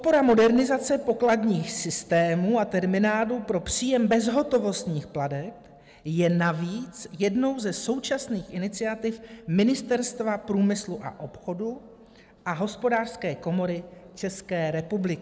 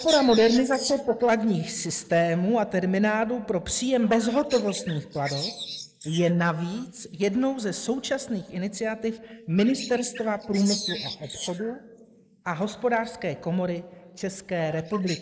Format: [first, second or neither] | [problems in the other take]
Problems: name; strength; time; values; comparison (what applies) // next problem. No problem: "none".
first | noise reduction (neural mask model Resemble Enhance denoiser)